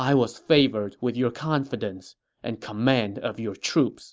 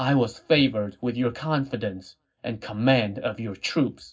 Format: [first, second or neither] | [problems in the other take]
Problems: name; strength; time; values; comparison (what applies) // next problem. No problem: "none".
first | room echo; dies away in 0.4 s